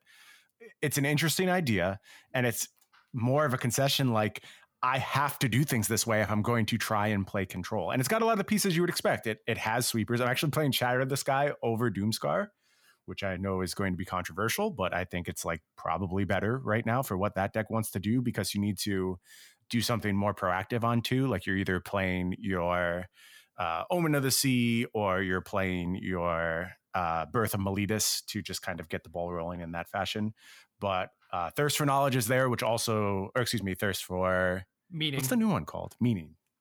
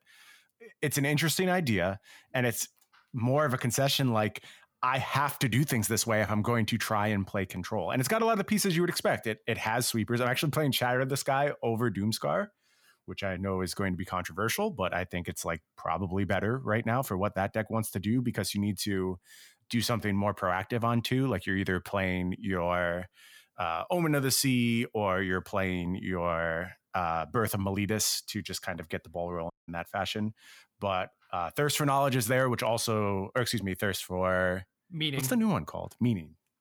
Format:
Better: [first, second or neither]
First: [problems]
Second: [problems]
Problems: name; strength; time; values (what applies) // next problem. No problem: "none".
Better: first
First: none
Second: audio cutting out; at 30 s